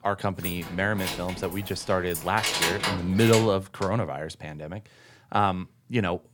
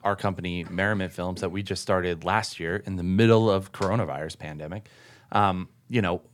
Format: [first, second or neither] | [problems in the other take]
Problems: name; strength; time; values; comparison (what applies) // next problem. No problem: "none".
second | jangling keys; loud; until 3.5 s; peak 3 dB above the speech